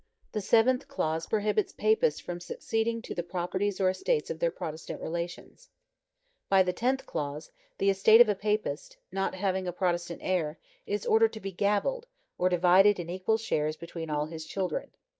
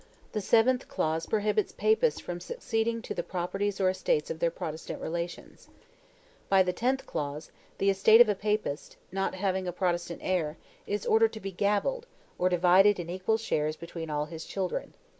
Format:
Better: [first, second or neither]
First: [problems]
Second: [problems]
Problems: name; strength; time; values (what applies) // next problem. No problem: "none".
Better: second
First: noise reduction (neural mask model DeepFilterNet 3)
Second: none